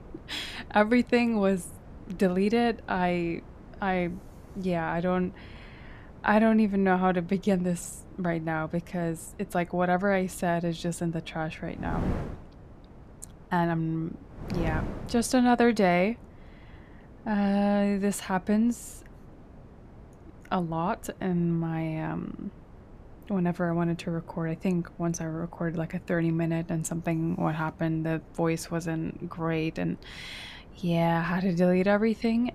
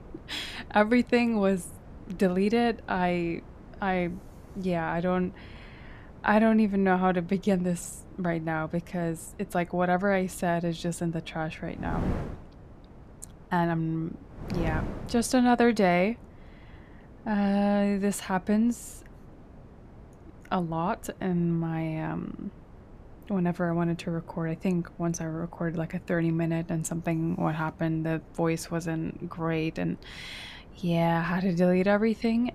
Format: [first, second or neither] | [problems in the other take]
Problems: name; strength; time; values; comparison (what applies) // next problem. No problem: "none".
neither | wind noise on the microphone; occasional gusts; 20 dB below the speech; the same in both